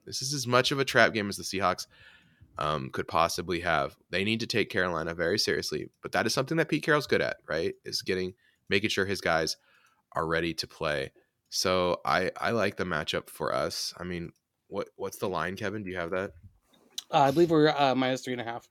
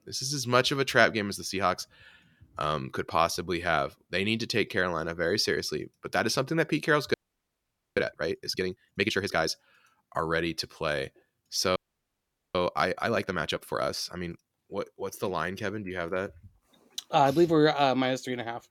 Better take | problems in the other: first | audio freezing; at 7 s for 1 s and at 12 s for 1 s

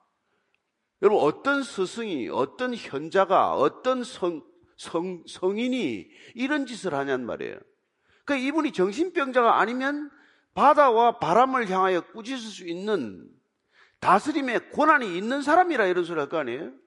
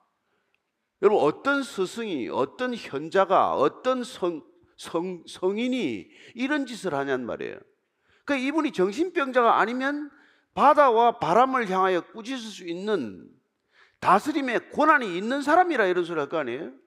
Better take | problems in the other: second | garbled, watery; slightly; nothing above 10.5 kHz

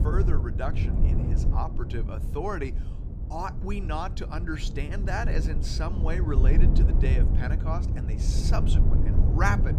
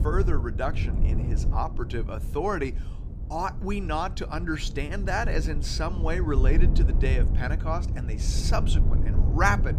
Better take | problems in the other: second | wind noise on the microphone; heavy; 6 dB below the speech; occasional gusts in the second

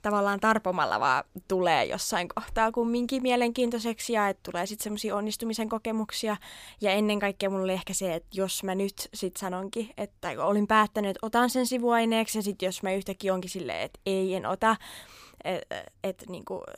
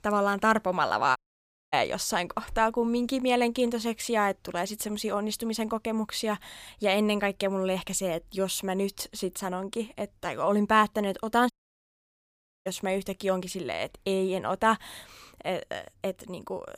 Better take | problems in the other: first | audio cutting out; at 1 s for 0.5 s and at 12 s for 1 s

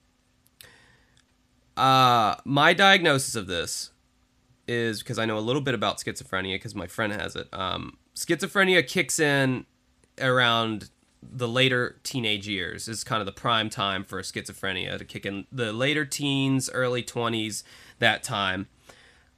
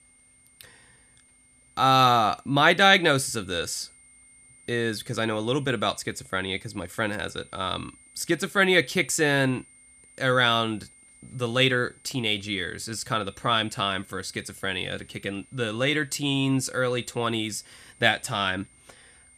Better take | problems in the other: first | high-pitched whine; faint; throughout; 9 kHz, 30 dB below the speech

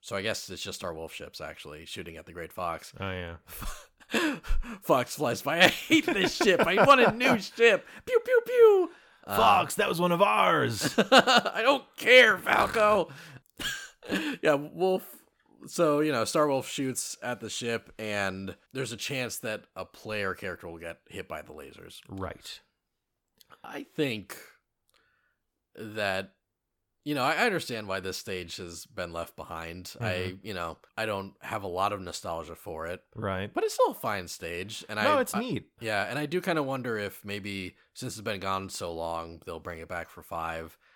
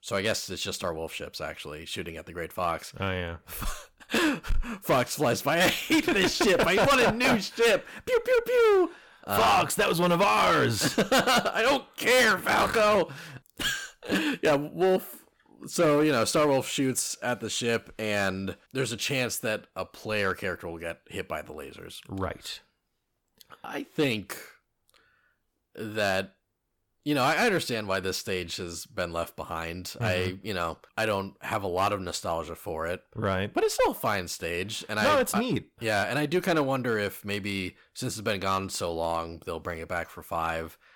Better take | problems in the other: first | distortion; heavy; 6% of the sound clipped

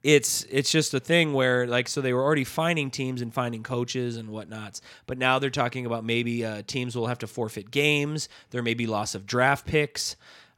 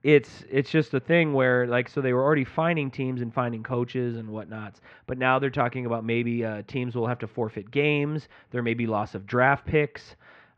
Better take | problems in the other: first | muffled; very; fading above 2 kHz

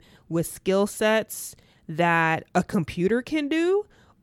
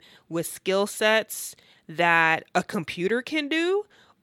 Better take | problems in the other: first | thin; very slightly; fading below 350 Hz

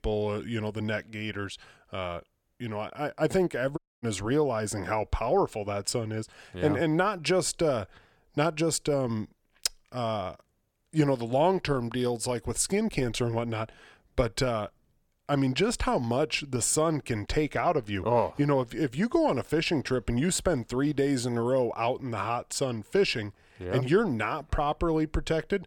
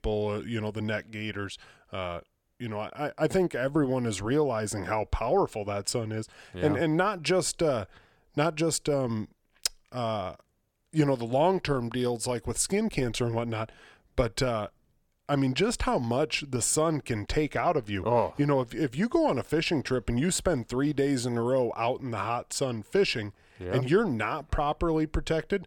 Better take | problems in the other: second | audio cutting out; at 4 s

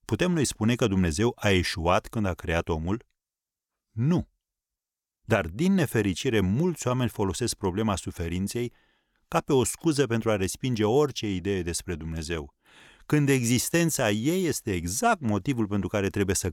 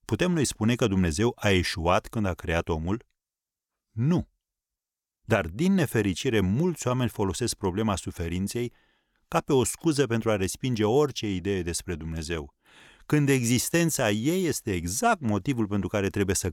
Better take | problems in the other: neither | none

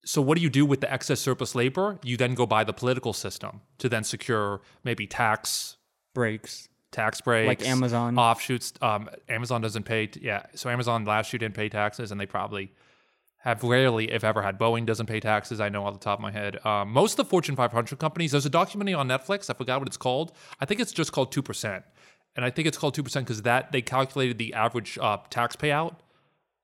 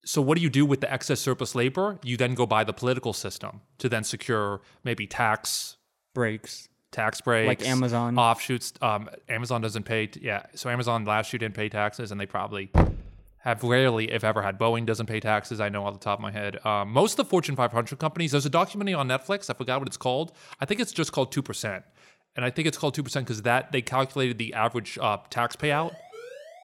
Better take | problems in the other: first | door banging; loud; at 13 s; peak 3 dB above the speech // siren; faint; from 26 s on; peak 15 dB below the speech

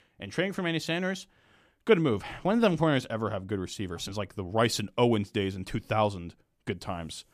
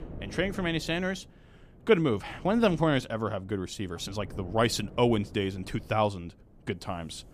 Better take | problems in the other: first | wind noise on the microphone; occasional gusts; 25 dB below the speech

